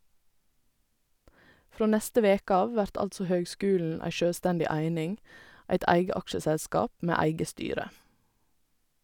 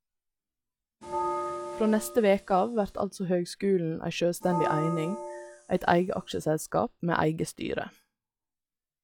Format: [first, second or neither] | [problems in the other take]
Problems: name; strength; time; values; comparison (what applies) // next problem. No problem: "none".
first | noise reduction (classical method log-MMSE)